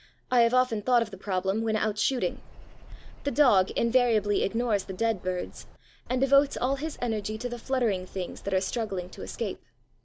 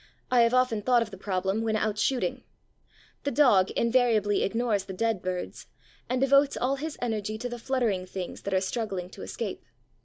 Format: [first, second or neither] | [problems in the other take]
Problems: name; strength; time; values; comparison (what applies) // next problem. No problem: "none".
second | background sound (Bird vocalization, bird call, bird song); 15 dB below the speech